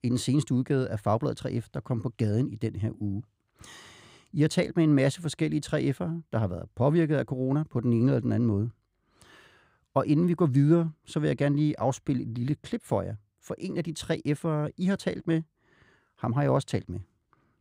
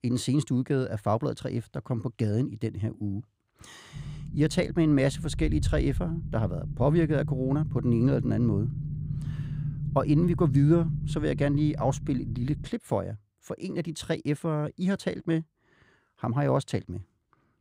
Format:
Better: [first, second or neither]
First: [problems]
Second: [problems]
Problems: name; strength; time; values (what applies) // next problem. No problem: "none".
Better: first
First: none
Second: low rumble; noticeable; from 4 to 13 s; 15 dB below the speech